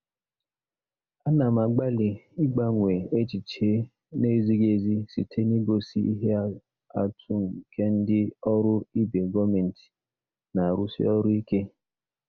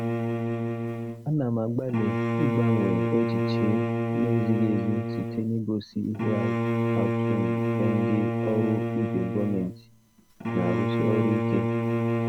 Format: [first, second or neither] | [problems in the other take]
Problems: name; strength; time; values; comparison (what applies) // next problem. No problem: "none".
first | background sound (Bowed string instrument); 2 dB above the speech